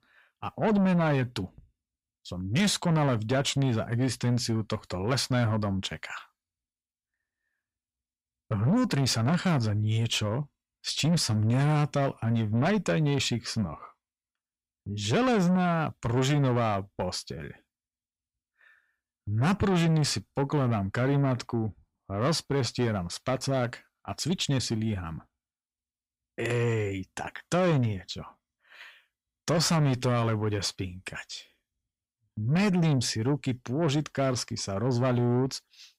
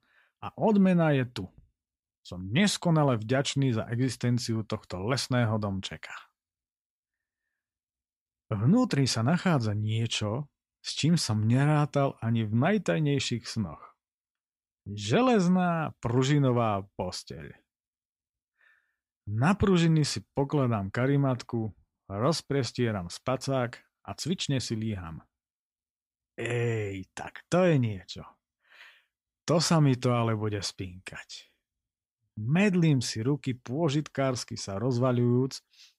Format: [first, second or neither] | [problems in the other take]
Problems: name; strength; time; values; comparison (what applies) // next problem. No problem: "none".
second | distortion; slight; 10 dB below the speech